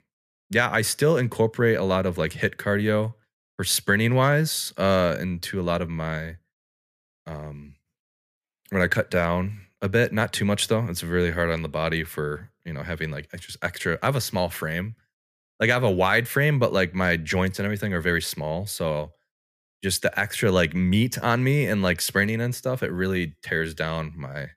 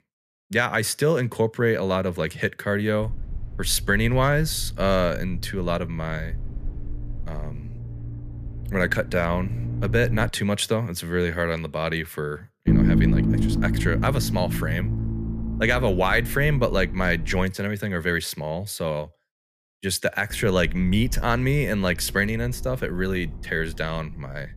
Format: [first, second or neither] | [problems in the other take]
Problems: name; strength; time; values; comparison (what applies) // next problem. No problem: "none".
first | low rumble; loud; from 3 to 10 s, from 13 to 17 s and from 20 s on; 10 dB below the speech